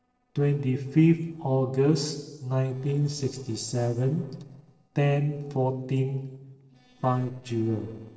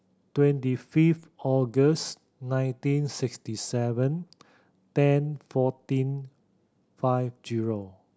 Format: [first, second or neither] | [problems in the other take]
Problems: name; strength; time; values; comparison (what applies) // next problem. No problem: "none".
second | noise reduction (neural separator model SepFormer DNS4)